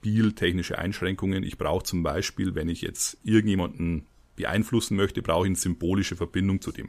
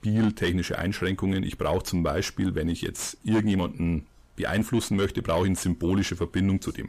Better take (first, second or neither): first